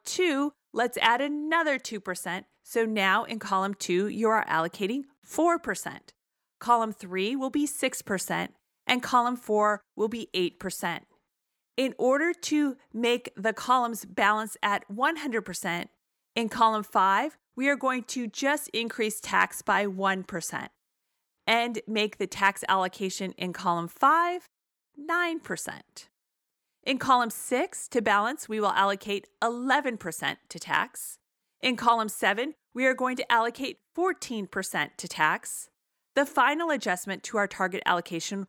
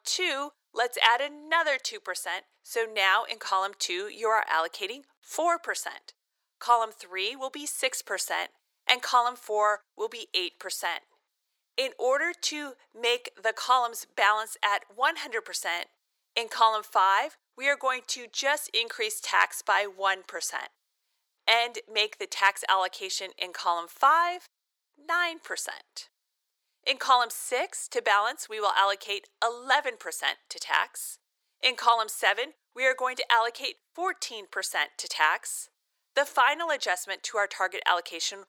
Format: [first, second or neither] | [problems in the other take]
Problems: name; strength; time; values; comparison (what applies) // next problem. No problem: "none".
first | thin; very; fading below 450 Hz